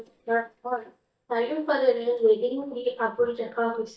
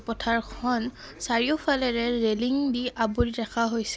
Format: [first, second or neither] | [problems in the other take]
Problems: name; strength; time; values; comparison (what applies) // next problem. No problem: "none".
second | noise reduction (neural mask model DeepFilterNet 3)